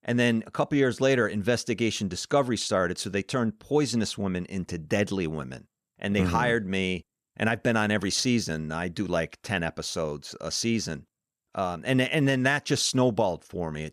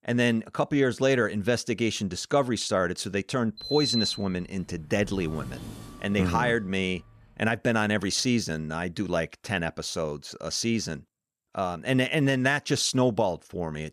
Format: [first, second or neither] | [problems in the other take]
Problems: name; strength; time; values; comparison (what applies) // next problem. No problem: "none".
first | door banging; loud; from 3.5 to 6.5 s; peak level with the speech